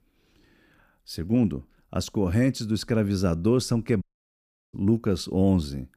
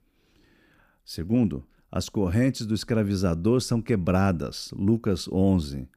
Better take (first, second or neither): second